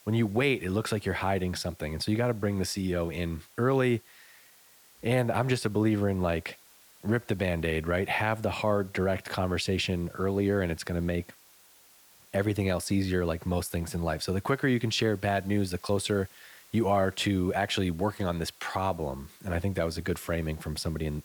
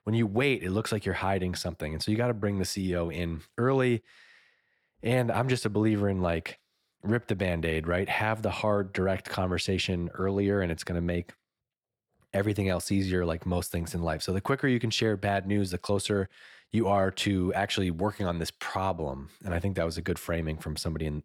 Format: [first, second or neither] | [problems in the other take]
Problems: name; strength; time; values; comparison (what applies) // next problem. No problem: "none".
second | hiss; faint; throughout; 25 dB below the speech